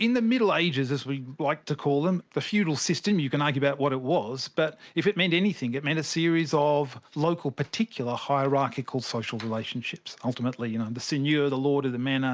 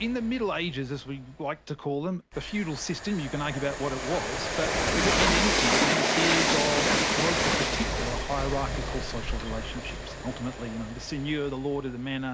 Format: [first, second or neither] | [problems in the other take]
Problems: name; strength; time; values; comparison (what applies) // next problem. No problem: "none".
first | background sound (Train); 3 dB above the speech